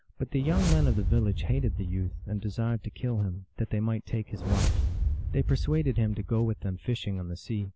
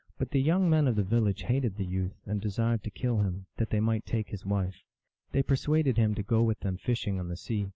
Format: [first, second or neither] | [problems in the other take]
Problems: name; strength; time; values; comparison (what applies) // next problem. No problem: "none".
second | background sound (Whoosh, swoosh, swish); 2 dB below the speech